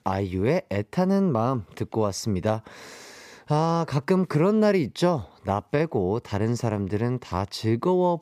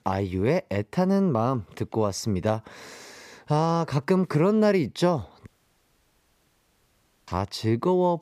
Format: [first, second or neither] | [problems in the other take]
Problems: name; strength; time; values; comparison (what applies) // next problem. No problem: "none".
first | audio cutting out; at 5.5 s for 2 s